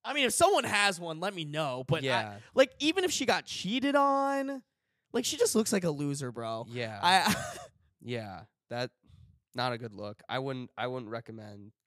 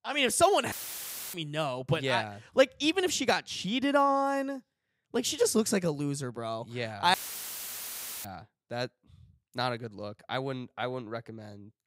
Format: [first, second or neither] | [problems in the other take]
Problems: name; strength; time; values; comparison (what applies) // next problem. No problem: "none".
first | audio cutting out; filled with static; at 0.5 s for 0.5 s and at 7 s for 1 s